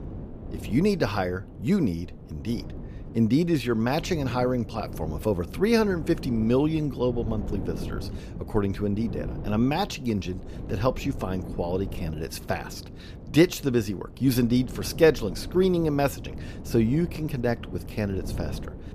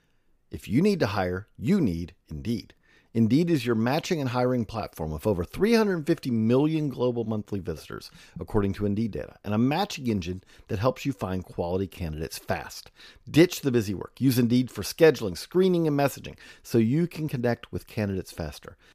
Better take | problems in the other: second | wind noise on the microphone; occasional gusts; 15 dB below the speech

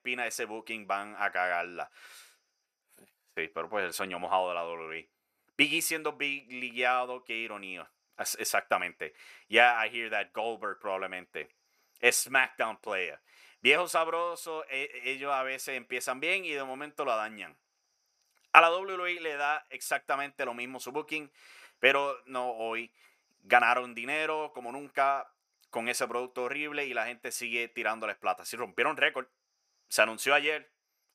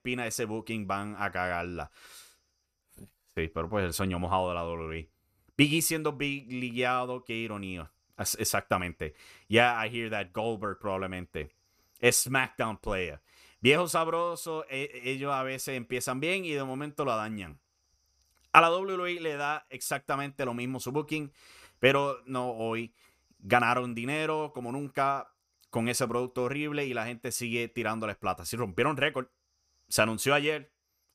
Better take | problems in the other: second | thin; somewhat; fading below 350 Hz

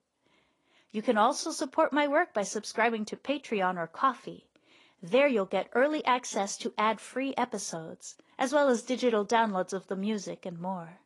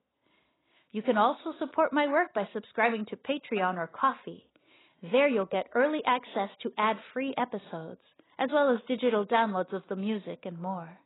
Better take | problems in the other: first | garbled, watery; badly; nothing above 4 kHz; slightly in the first

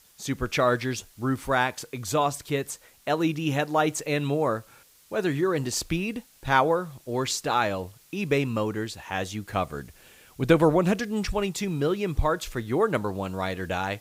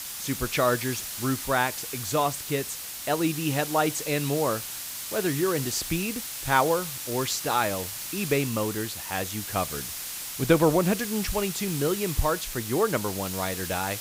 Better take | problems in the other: first | hiss; loud; throughout; 5 dB below the speech; faint in the first

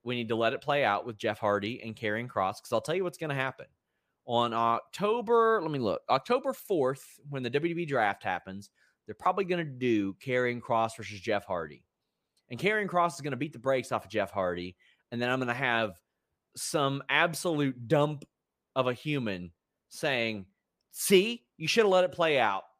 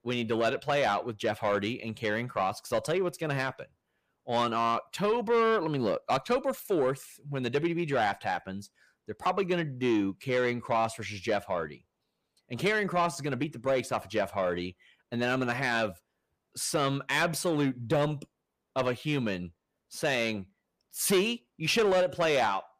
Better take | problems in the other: first | distortion; slight; 10 dB below the speech

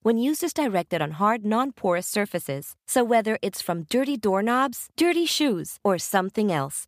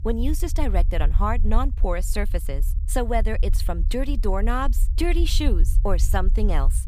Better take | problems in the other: first | low rumble; noticeable; throughout; 20 dB below the speech

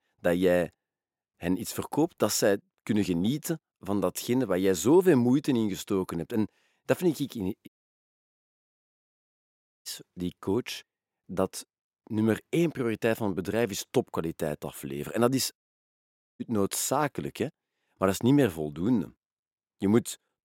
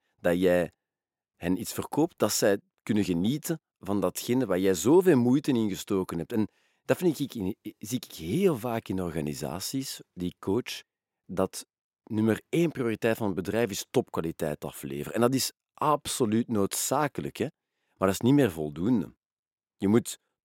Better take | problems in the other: second | audio cutting out; at 7.5 s for 2 s and at 16 s for 1 s

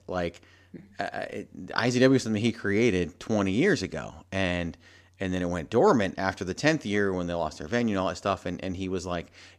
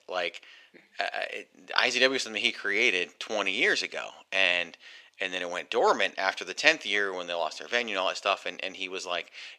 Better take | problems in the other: first | thin; very; fading below 600 Hz

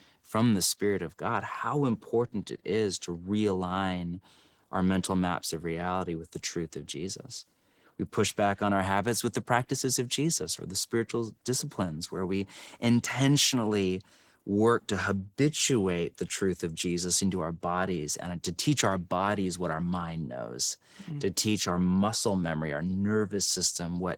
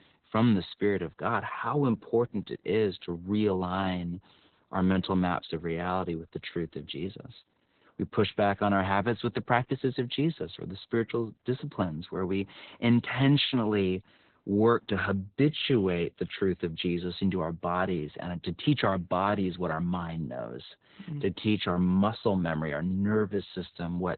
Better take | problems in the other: first | garbled, watery; badly; nothing above 4 kHz; slightly in the first

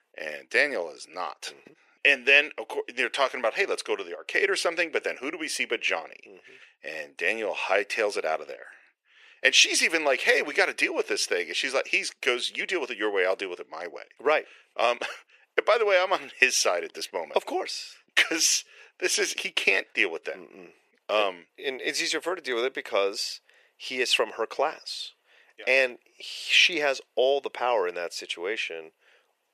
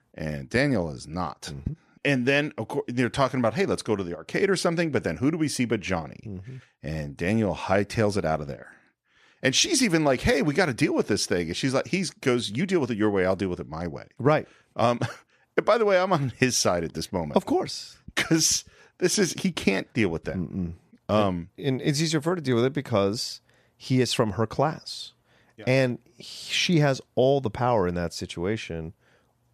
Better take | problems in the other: second | thin; very; fading below 450 Hz

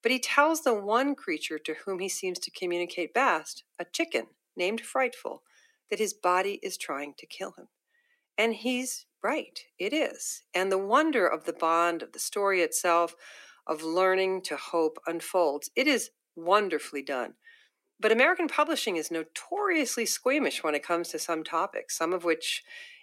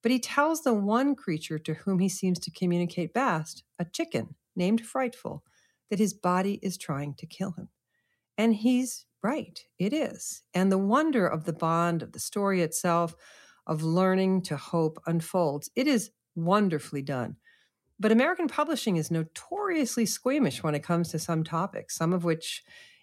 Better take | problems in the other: second | thin; somewhat; fading below 300 Hz

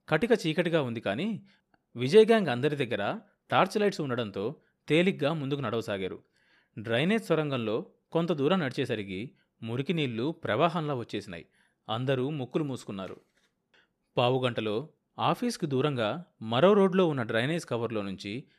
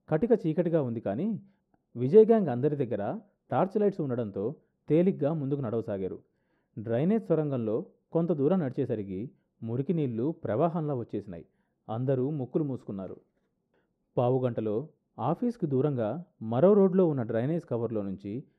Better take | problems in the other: first | muffled; very; fading above 1.5 kHz

